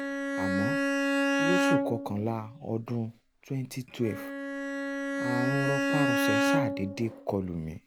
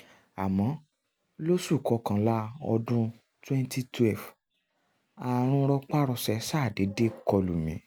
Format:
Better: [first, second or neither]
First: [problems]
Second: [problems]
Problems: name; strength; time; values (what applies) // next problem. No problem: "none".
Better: second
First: background sound (Bowed string instrument); 4 dB above the speech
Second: none